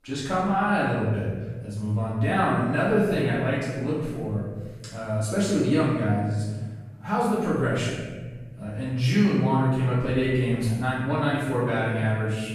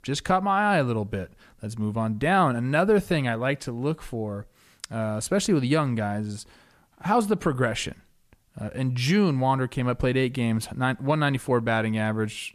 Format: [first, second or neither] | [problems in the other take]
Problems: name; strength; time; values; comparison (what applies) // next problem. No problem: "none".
second | off-mic speech; far // room echo; strong; dies away in 1.6 s